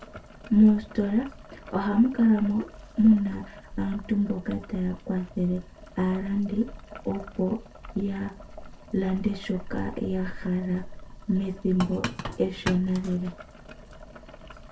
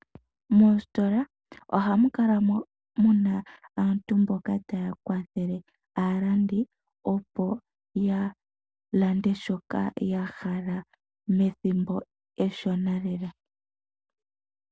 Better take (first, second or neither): second